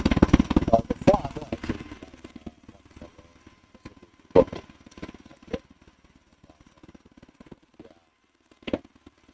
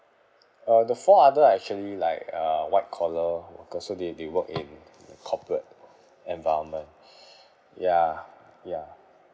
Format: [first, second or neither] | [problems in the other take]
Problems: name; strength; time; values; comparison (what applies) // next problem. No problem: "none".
second | noise reduction (neural mask model RNNoise)